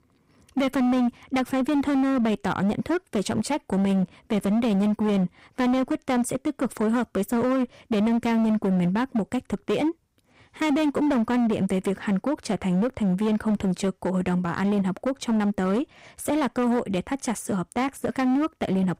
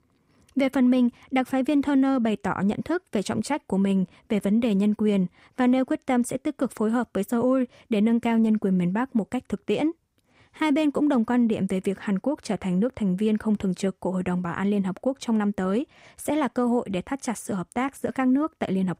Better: second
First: distortion; slight; 19% of the sound clipped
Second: none

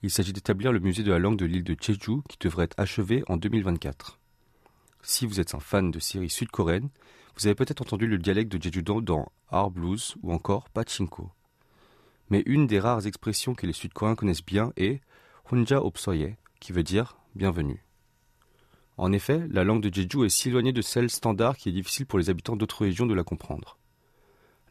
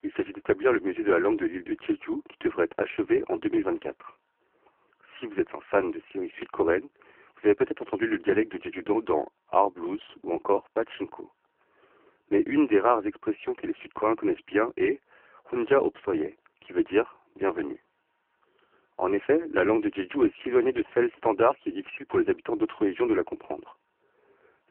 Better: first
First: none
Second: phone-call audio; poor line

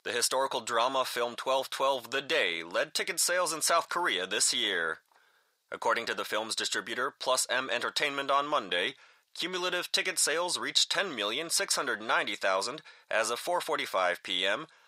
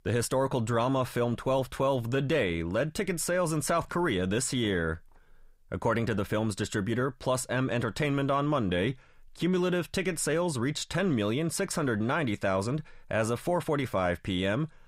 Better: second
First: thin; very; fading below 700 Hz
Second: none

